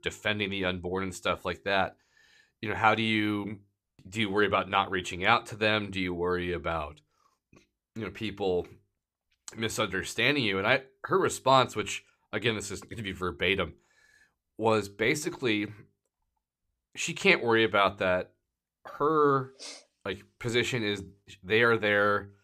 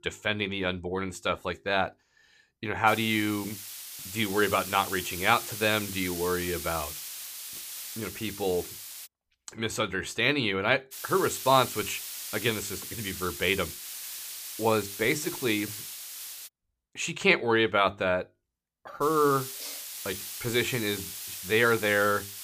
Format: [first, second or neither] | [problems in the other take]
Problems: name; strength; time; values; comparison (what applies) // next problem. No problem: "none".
first | hiss; loud; from 3 to 9 s, from 11 to 16 s and from 19 s on; 9 dB below the speech